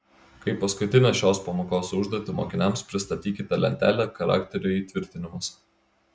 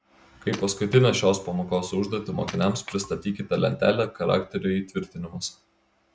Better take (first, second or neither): first